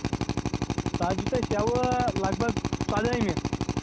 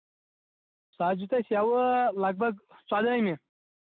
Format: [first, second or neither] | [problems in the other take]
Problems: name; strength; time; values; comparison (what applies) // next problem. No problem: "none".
second | background sound (Drill); 2 dB above the speech